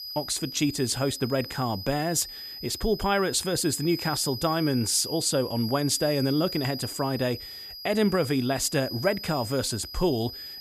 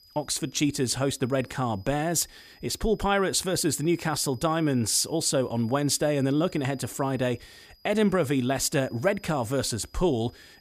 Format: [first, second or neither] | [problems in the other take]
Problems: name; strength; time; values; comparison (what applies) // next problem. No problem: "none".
second | high-pitched whine; loud; throughout; 5 kHz, 9 dB below the speech; faint in the second